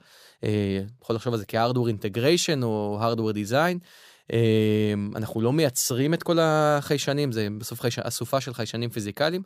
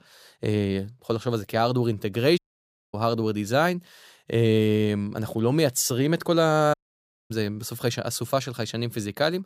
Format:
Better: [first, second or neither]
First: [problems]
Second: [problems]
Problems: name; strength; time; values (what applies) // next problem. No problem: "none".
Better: first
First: none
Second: audio cutting out; at 2.5 s for 0.5 s and at 6.5 s for 0.5 s